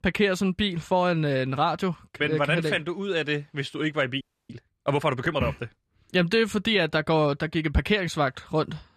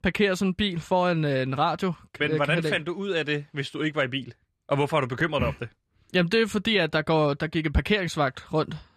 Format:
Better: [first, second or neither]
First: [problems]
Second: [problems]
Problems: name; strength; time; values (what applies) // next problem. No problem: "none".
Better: second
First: audio freezing; at 4 s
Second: none